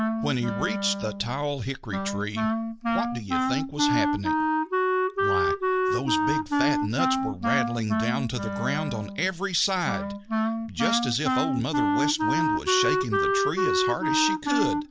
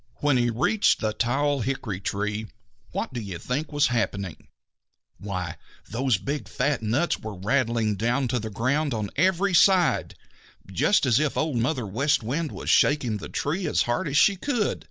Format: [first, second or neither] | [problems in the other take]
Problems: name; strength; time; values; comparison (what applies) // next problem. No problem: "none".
second | background sound (Wind instrument, woodwind instrument); 4 dB above the speech